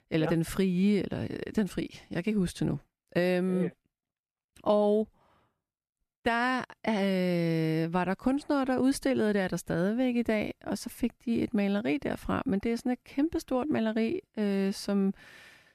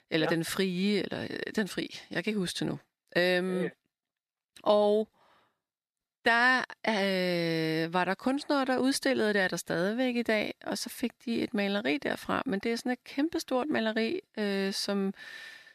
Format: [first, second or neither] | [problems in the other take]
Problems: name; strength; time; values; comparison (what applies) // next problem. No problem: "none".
first | thin; very slightly; fading below 400 Hz